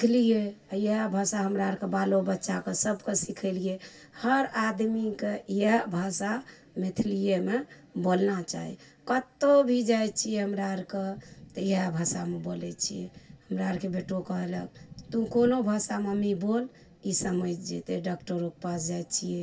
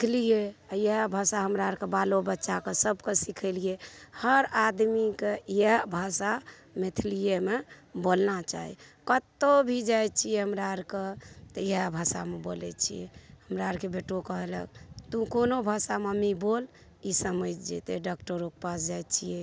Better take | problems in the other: second | room echo; dies away in 0.2 s

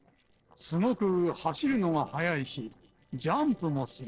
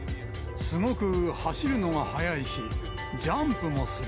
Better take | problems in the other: second | noise reduction (neural separator model SepFormer DNS4)

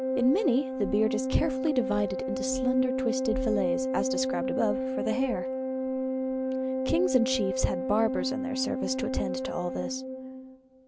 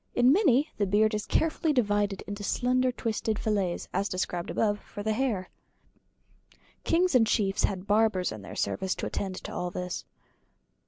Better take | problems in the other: second | background sound (Organ); 1 dB below the speech

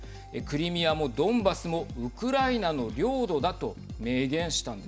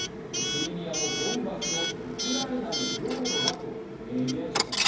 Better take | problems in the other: first | background sound (Coin (dropping) / Alarm); 2 dB above the speech // room echo; dies away in 2.2 s

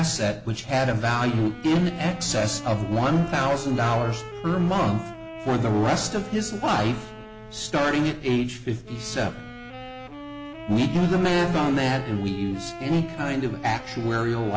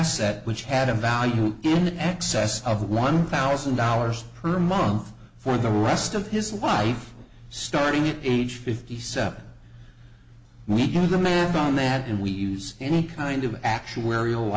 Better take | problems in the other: second | background sound (Wind instrument, woodwind instrument); 14 dB below the speech

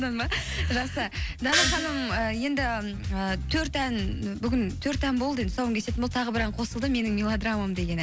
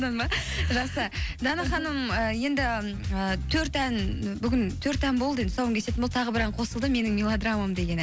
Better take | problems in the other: second | background sound (Gong); 1 dB below the speech

